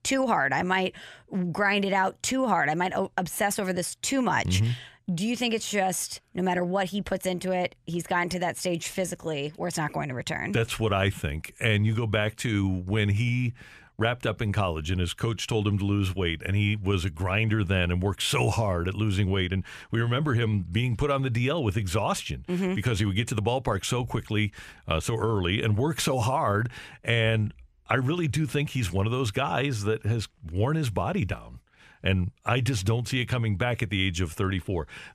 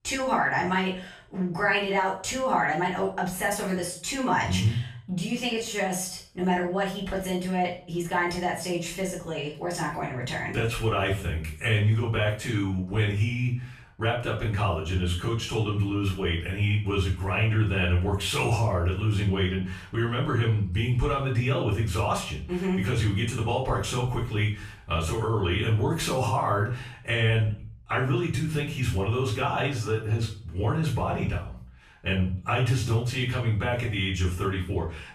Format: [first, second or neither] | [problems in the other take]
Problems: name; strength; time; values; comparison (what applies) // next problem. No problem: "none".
first | off-mic speech; far // room echo; slight; dies away in 0.4 s